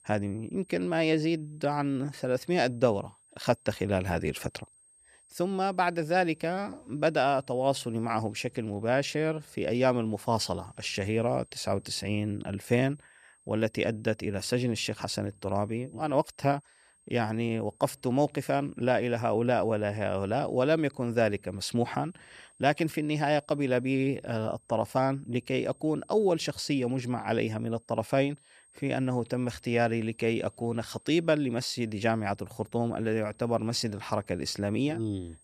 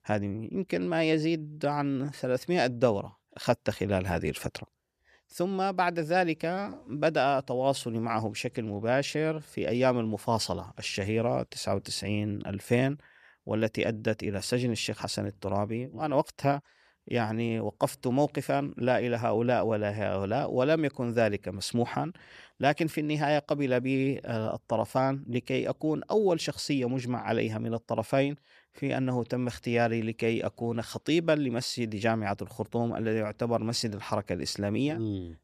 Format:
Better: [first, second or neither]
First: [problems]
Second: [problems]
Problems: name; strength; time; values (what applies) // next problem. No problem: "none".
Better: second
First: high-pitched whine; faint; throughout; 8.5 kHz, 30 dB below the speech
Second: none